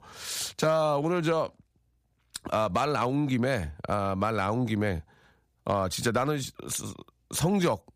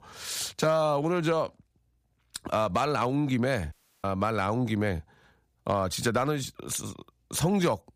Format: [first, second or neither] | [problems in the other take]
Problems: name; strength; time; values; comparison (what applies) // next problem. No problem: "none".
first | audio cutting out; at 3.5 s